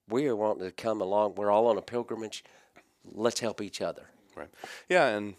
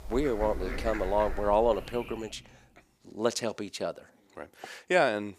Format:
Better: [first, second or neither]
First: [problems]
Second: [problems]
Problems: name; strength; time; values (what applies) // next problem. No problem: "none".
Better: first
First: none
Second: animal sounds; noticeable; until 1.5 s; 10 dB below the speech